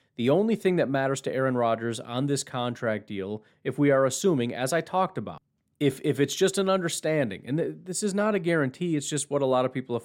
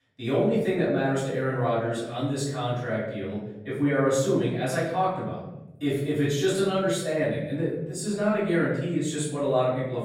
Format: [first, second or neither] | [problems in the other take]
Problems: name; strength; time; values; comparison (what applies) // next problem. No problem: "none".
first | room echo; noticeable; dies away in 1.1 s // off-mic speech; far